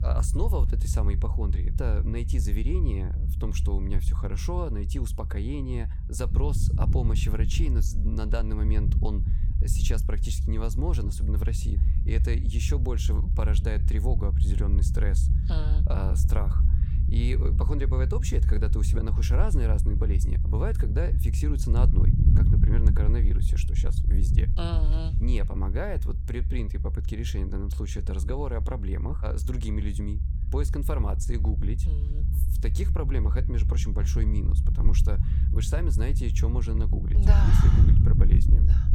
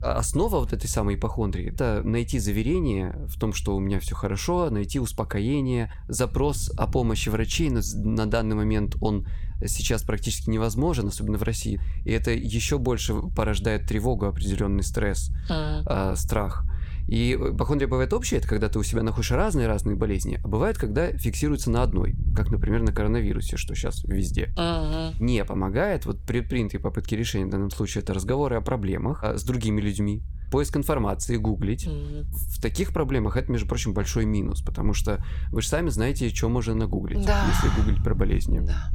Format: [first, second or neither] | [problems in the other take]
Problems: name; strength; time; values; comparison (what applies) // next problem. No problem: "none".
second | low rumble; loud; throughout; 5 dB below the speech; faint in the second